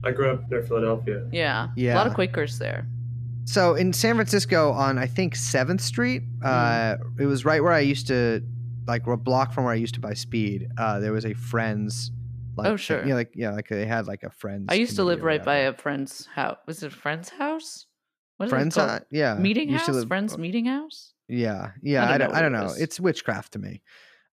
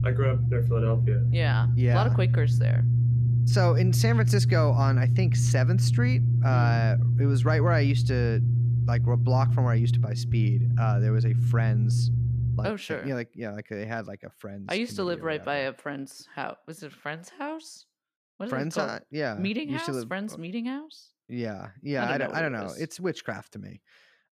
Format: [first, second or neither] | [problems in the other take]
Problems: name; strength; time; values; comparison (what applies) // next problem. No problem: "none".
first | low rumble; loud; until 13 s; 5 dB below the speech; faint in the first